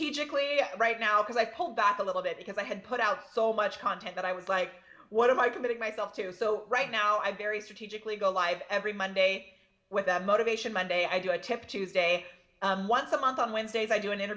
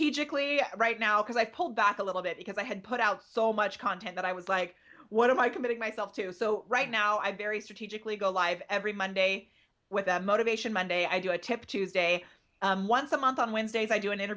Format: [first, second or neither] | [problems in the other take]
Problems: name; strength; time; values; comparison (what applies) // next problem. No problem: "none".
second | room echo; dies away in 0.6 s